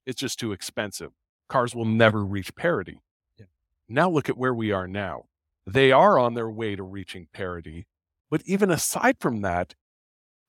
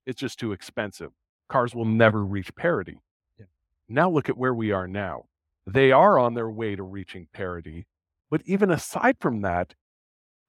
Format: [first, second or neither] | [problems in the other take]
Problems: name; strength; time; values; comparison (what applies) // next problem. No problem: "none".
first | muffled; slightly; fading above 3.5 kHz